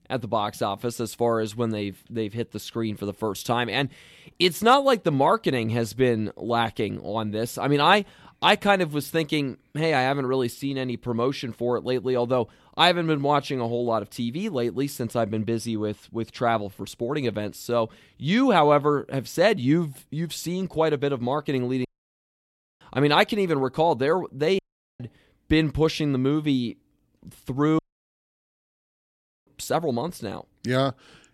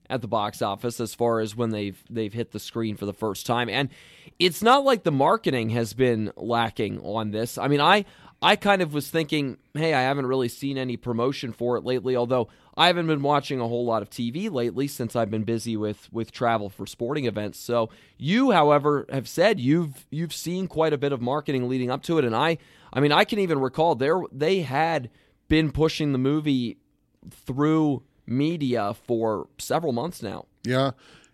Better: second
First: audio cutting out; at 22 s for 1 s, at 25 s and at 28 s for 1.5 s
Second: none

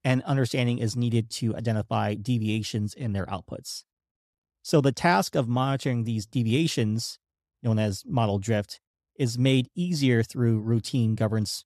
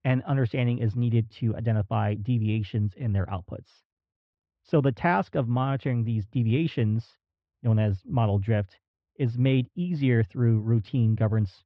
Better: first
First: none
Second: muffled; very; fading above 3 kHz

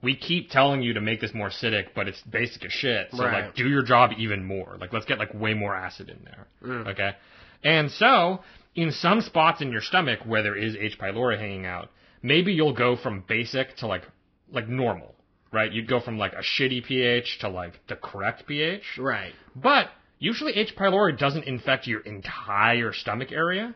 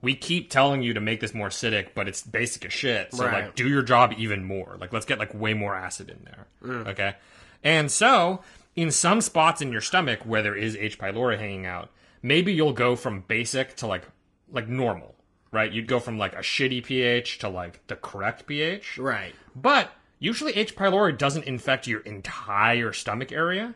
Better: second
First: garbled, watery; badly; nothing above 5.5 kHz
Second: garbled, watery; slightly

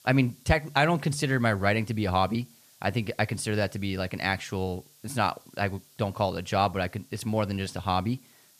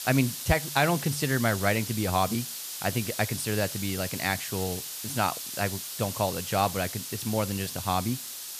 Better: first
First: hiss; faint; throughout; 25 dB below the speech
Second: hiss; loud; throughout; 5 dB below the speech

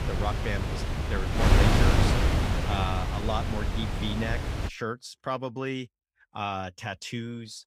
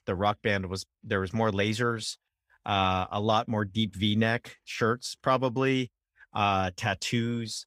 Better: second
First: wind noise on the microphone; heavy; until 4.5 s; 2 dB above the speech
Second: none

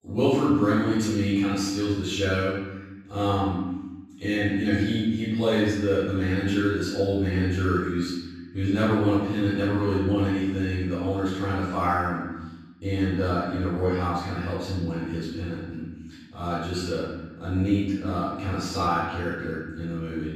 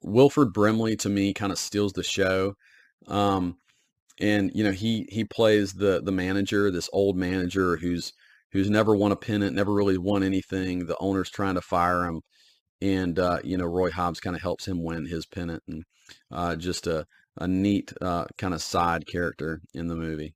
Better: second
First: off-mic speech; far // room echo; strong; dies away in 1.1 s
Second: none

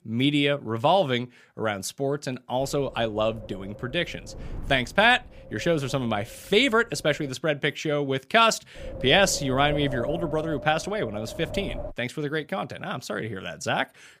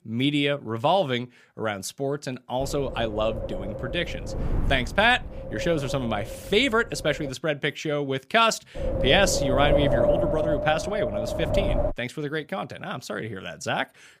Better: first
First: wind noise on the microphone; occasional gusts; from 2.5 to 7.5 s and from 9 to 12 s; 15 dB below the speech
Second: wind noise on the microphone; heavy; from 2.5 to 7.5 s and from 9 to 12 s; 3 dB below the speech

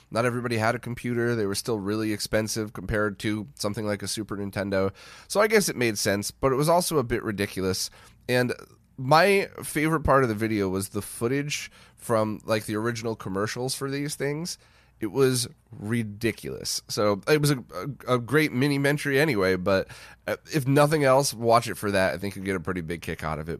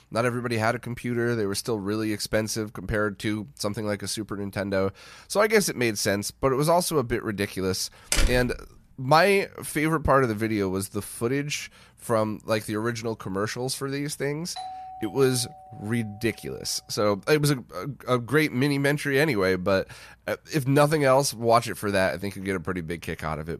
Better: first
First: none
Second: door banging; loud; at 8 s; peak level with the speech // doorbell; faint; from 15 to 16 s; peak 10 dB below the speech

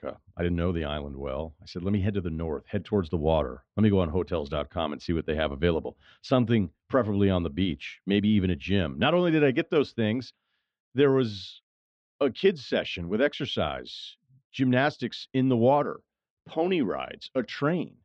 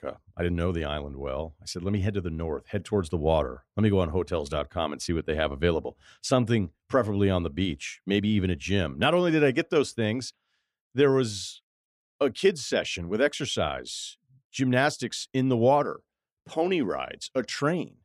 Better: second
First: muffled; very slightly; fading above 4 kHz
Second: none

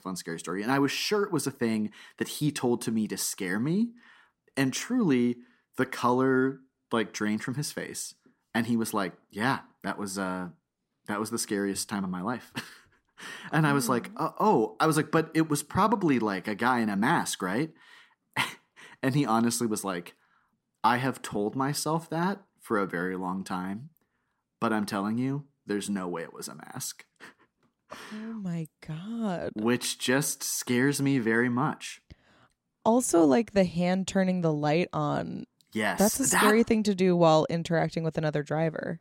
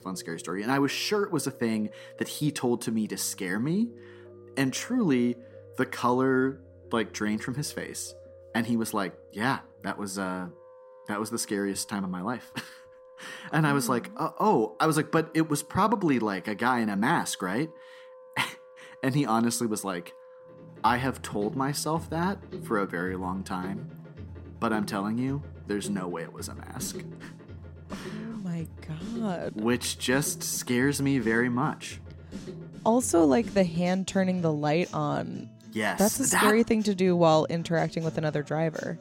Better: first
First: none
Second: background music; noticeable; throughout; 20 dB below the speech

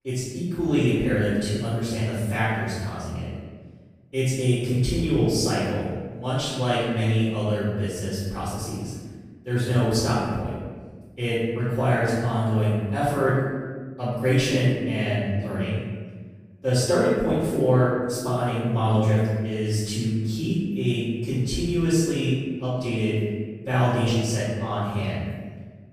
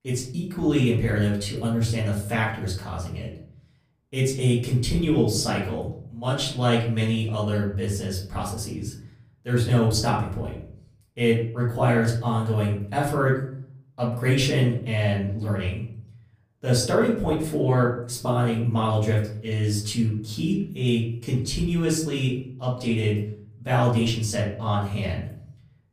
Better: second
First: room echo; strong; dies away in 1.4 s // off-mic speech; far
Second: room echo; slight; dies away in 0.6 s // off-mic speech; far

